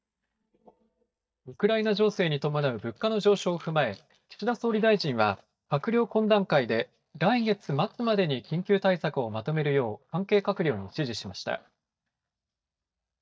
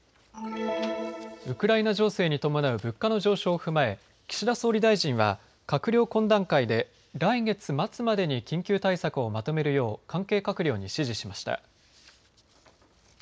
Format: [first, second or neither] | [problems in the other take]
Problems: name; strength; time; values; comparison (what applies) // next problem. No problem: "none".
second | noise reduction (neural mask model DeepFilterNet 3)